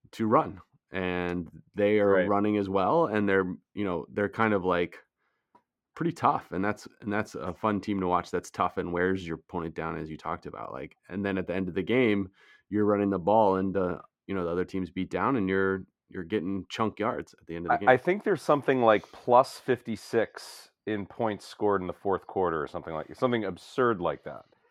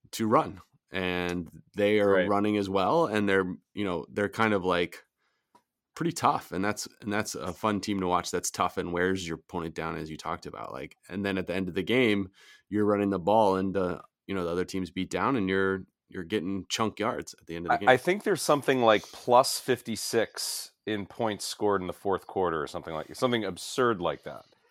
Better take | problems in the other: second | muffled; slightly; fading above 3.5 kHz

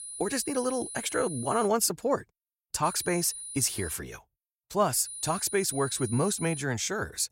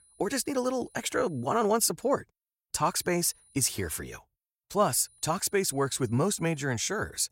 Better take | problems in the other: second | high-pitched whine; loud; until 1.5 s, from 3 to 4 s and from 5 to 6.5 s; 9.5 kHz, 9 dB below the speech; faint in the second

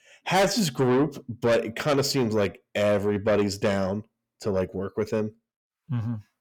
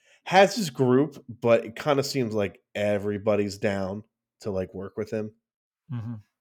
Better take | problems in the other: second | distortion; heavy; 6 dB below the speech

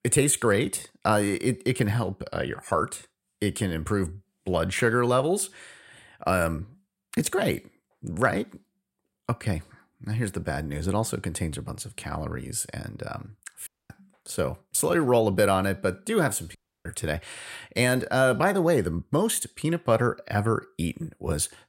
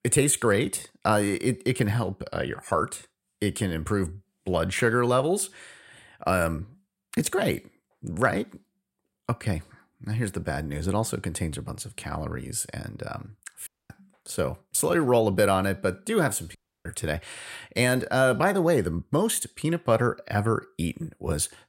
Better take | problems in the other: neither | audio cutting out; at 14 s and at 17 s; the same in both

